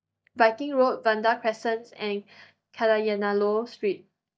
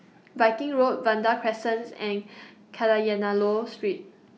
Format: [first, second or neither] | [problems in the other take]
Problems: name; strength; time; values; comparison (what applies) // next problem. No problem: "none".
second | noise reduction (neural mask model DeepFilterNet 3)